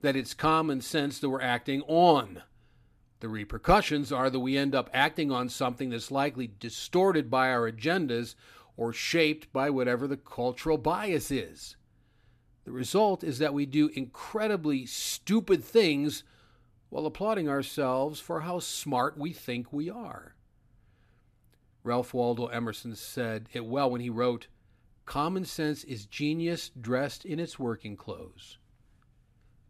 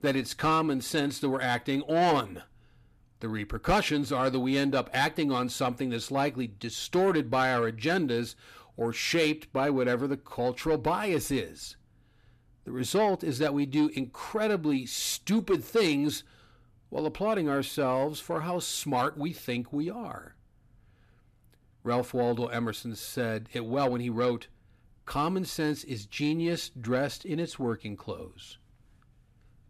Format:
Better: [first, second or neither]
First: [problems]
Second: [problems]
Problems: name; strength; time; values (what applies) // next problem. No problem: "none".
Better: first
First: none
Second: distortion; slight; 10 dB below the speech